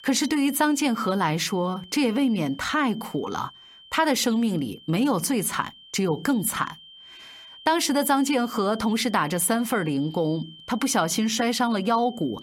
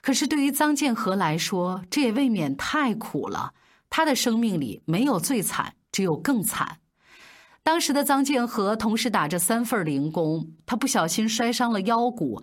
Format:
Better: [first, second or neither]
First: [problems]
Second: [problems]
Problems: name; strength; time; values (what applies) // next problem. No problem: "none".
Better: second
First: high-pitched whine; faint; throughout; 3 kHz, 20 dB below the speech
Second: none